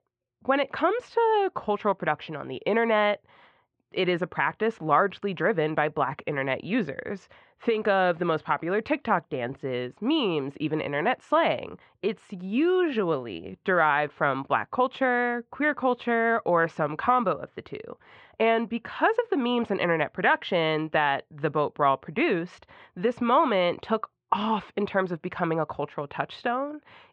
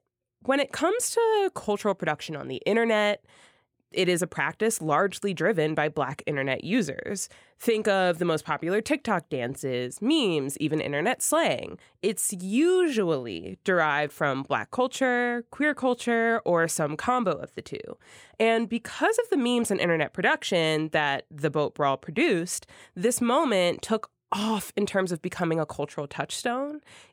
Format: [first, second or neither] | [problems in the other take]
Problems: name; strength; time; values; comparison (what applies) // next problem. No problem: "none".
second | muffled; very; fading above 3.5 kHz